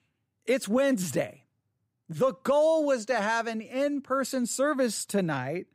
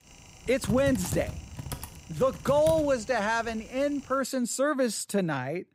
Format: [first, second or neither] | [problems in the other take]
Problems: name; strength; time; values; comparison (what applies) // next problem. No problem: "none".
first | keyboard typing; noticeable; until 3.5 s; peak 7 dB below the speech